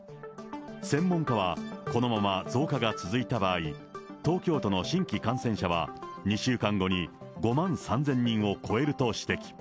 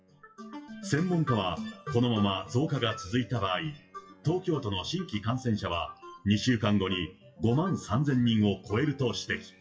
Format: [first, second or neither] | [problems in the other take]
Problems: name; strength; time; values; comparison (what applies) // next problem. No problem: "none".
first | noise reduction (classical method WPE with log-MMSE)